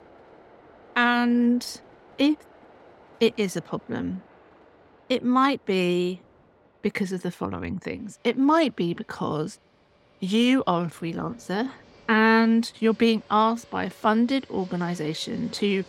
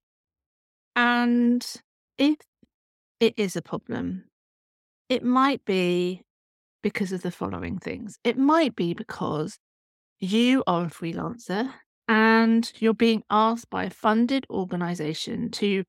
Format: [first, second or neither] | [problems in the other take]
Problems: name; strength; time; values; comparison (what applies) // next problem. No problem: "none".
second | train or aircraft noise; faint; throughout; 30 dB below the speech